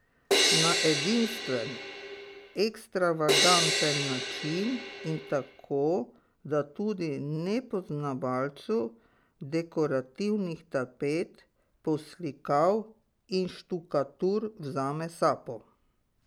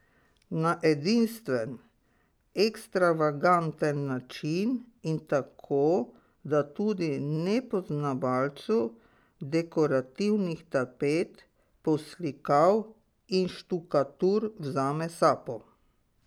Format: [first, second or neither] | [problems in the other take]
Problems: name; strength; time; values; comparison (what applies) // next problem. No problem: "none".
second | background sound (Crash cymbal); 2 dB above the speech